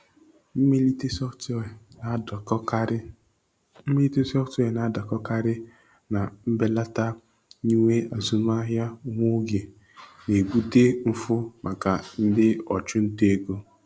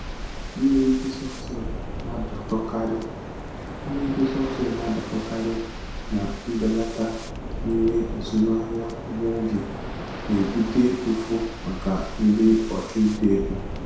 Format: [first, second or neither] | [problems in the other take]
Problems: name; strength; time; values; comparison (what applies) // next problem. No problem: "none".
first | background sound (Waves, surf); 8 dB below the speech // room echo; dies away in 0.7 s